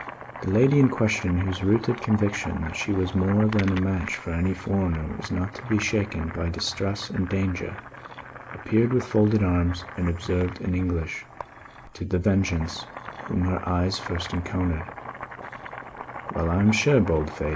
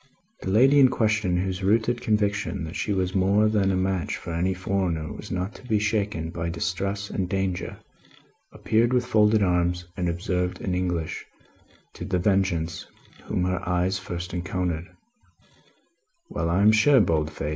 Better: second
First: background sound (Boiling); 14 dB below the speech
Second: none

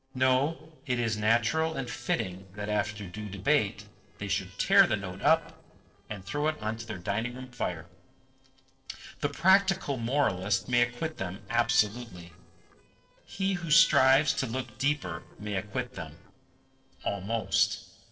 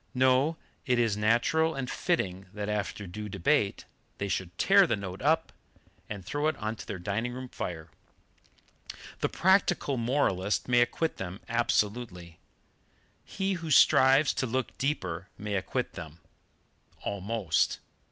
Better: second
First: noise reduction (neural separator model SepFormer DNS4)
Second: none

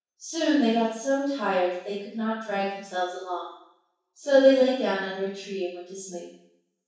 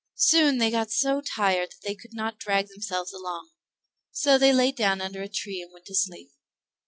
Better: second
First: room echo; dies away in 0.7 s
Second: none

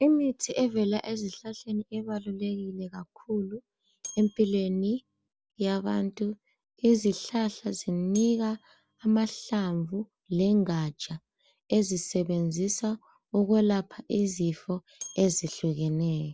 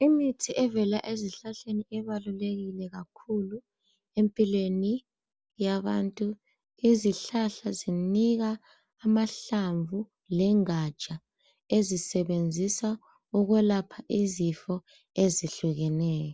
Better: second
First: background sound (Bell); 19 dB below the speech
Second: none

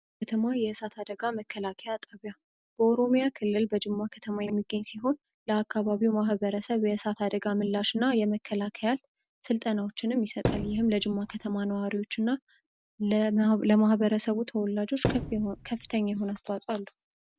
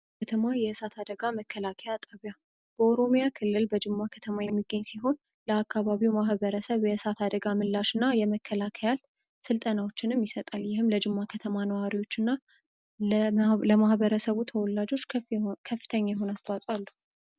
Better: second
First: background sound (Thump, thud); 6 dB below the speech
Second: none

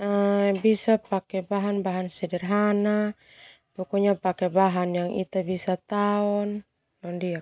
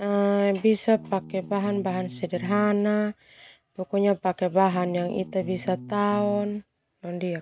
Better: first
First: none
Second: background sound (Bass guitar); 15 dB below the speech

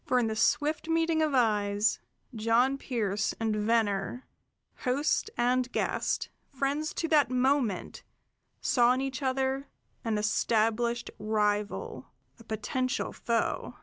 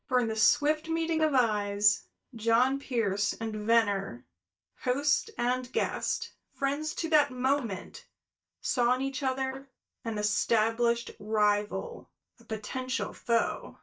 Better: first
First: none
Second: noise reduction (neural mask model DeepFilterNet 3)

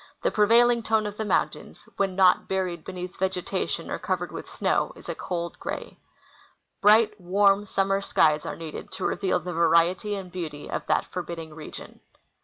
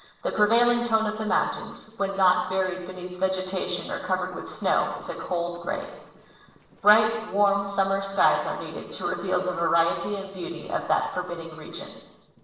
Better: first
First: none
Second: noise reduction (neural separator model SepFormer DNS4)

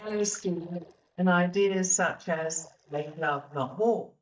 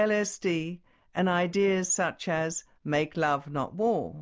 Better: second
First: noise reduction (neural mask model DeepFilterNet 3)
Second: none

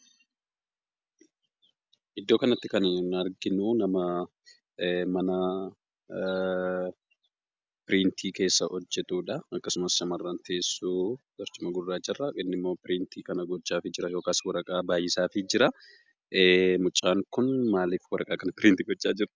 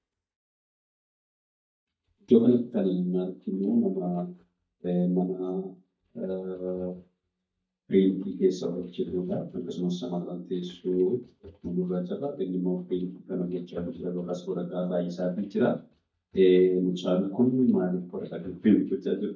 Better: first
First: none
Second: noise reduction (neural mask model DeepFilterNet 3)

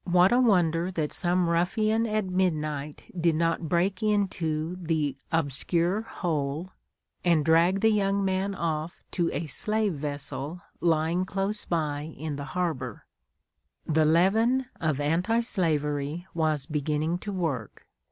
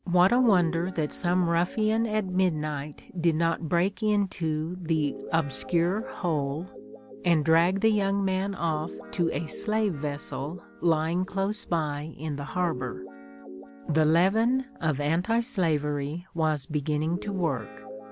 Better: first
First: none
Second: background sound (Guitar); 16 dB below the speech

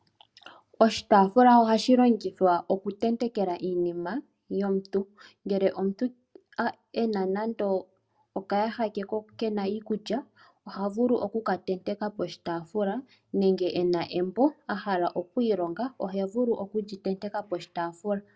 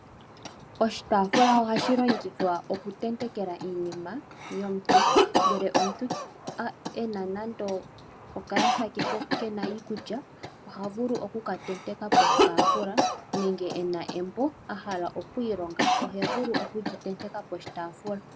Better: first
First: none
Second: background sound (Cough); 2 dB above the speech

